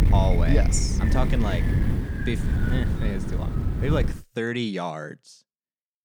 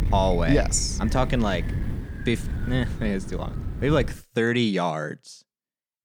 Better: second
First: wind noise on the microphone; heavy; until 4 s; 4 dB below the speech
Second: wind noise on the microphone; occasional gusts; until 4 s; 15 dB below the speech

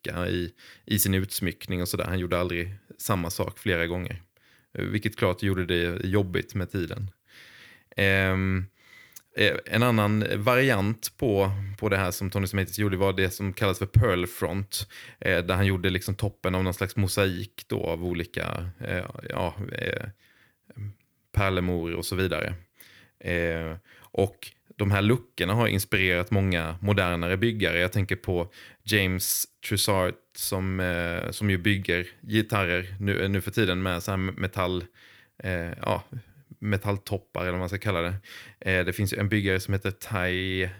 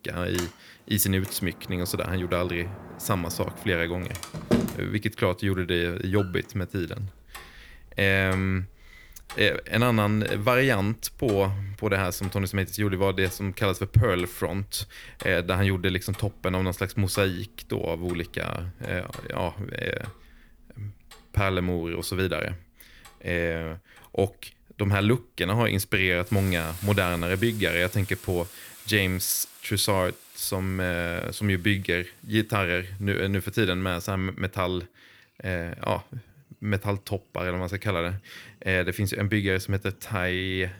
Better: first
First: none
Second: household noises; noticeable; throughout; 15 dB below the speech

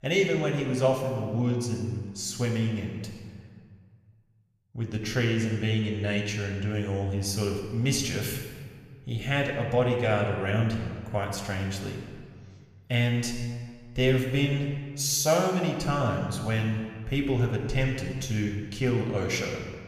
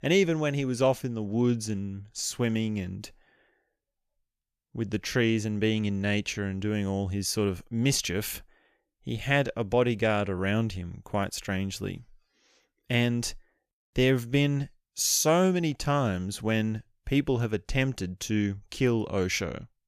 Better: second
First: room echo; noticeable; dies away in 1.4 s // off-mic speech; somewhat distant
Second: none

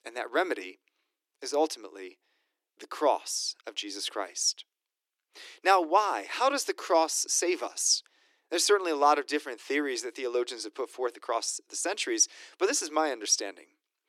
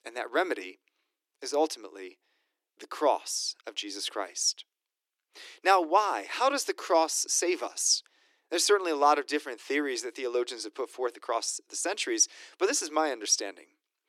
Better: neither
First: thin; somewhat; fading below 300 Hz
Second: thin; somewhat; fading below 300 Hz

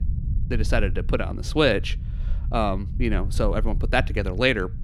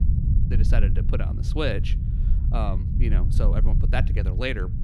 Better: first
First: low rumble; faint; throughout; 20 dB below the speech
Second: low rumble; loud; throughout; 8 dB below the speech

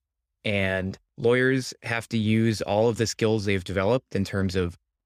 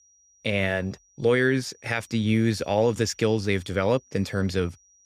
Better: first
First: none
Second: high-pitched whine; faint; throughout; 6 kHz, 30 dB below the speech

